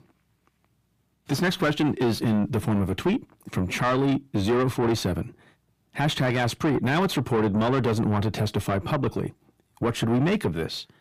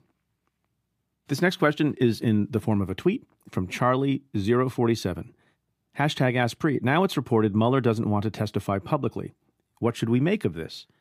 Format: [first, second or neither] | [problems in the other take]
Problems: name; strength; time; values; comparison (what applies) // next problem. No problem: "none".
second | distortion; heavy; 6 dB below the speech